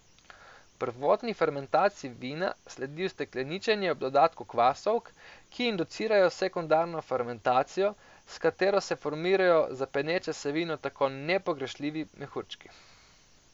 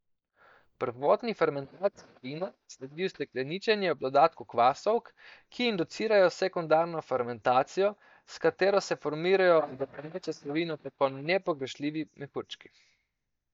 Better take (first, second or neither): first